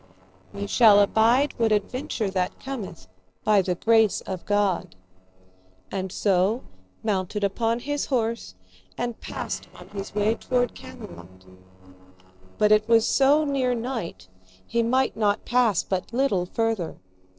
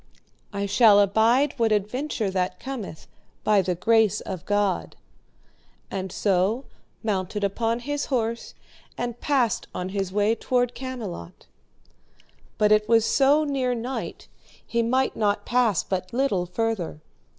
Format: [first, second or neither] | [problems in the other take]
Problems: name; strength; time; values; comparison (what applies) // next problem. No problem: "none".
second | noise reduction (neural separator model SepFormer DNS4)